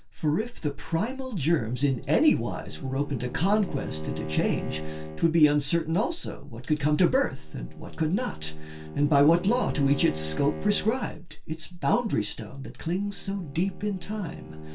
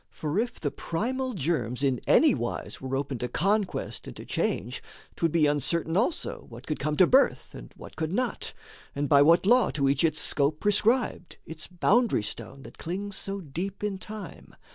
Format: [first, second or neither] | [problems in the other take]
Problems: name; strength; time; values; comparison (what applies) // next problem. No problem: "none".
second | background sound (Bowed string instrument); 13 dB below the speech // room echo; dies away in 0.2 s